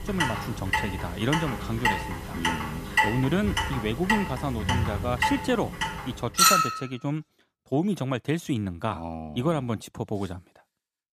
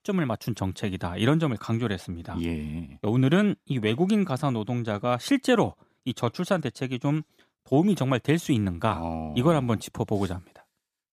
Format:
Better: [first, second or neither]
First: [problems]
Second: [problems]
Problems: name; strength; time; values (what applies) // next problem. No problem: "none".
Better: second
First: household noises; very loud; until 6.5 s; 3 dB above the speech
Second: none